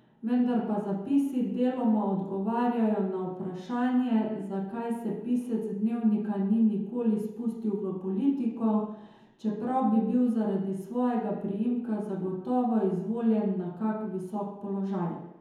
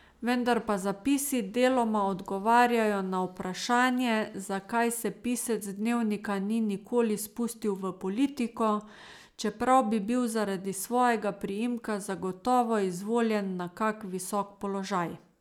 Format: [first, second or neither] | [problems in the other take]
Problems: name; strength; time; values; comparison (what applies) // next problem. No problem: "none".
second | room echo; dies away in 1 s